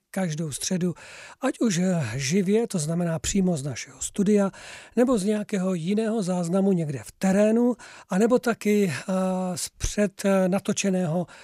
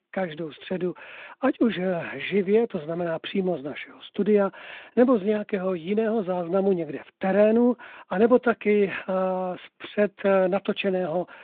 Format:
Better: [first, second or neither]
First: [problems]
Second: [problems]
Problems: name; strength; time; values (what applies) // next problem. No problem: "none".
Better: first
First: none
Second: phone-call audio; nothing above 3.5 kHz